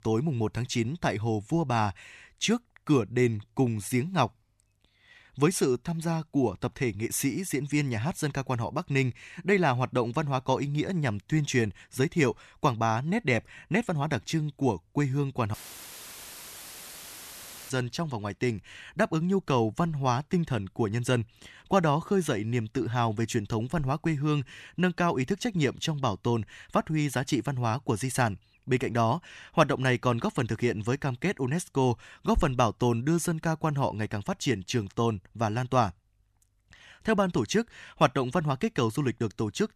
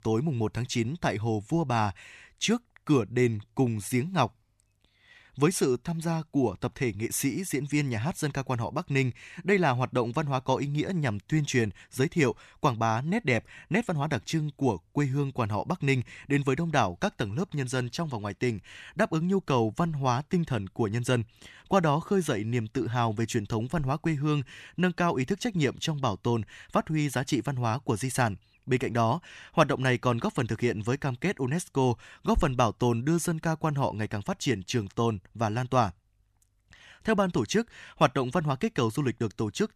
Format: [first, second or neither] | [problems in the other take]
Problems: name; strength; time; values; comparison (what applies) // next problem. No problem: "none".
second | audio cutting out; filled with static; at 16 s for 2 s